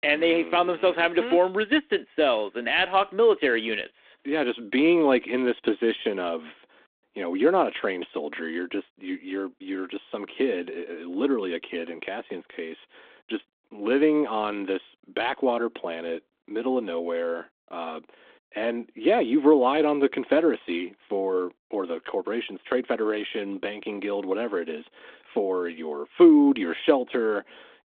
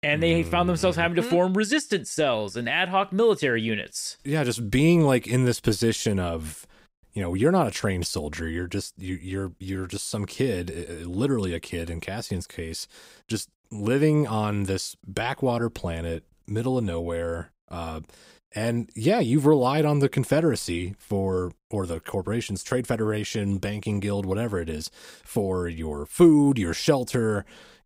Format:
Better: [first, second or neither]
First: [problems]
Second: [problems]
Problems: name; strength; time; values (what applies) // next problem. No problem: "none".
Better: second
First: phone-call audio; nothing above 3.5 kHz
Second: none